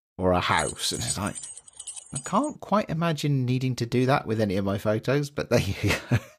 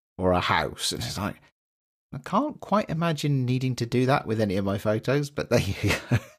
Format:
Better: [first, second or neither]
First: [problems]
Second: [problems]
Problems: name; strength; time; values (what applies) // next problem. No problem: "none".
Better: second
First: jangling keys; noticeable; from 0.5 to 2.5 s; peak 6 dB below the speech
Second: none